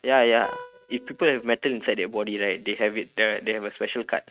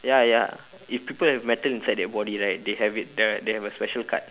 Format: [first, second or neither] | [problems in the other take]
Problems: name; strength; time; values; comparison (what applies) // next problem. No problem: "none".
second | noise reduction (neural mask model RNNoise)